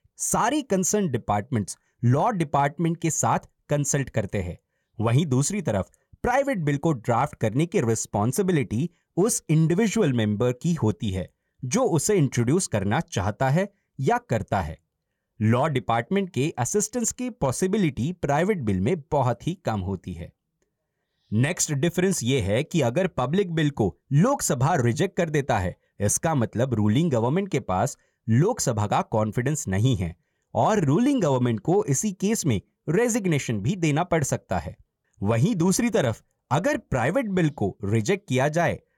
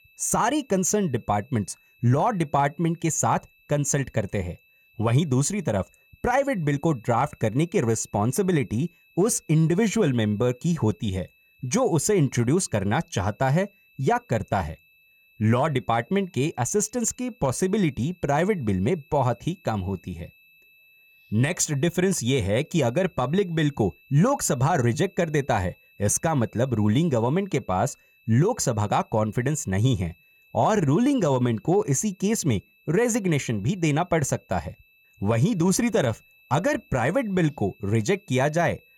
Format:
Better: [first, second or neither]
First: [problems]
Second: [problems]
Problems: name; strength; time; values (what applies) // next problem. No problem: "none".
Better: first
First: none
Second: high-pitched whine; faint; throughout; 2.5 kHz, 30 dB below the speech